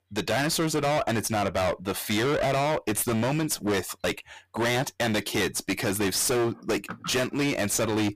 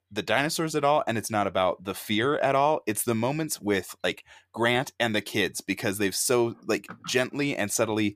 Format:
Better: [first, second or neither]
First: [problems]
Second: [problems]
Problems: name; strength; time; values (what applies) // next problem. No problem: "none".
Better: second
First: distortion; heavy; 28% of the sound clipped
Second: none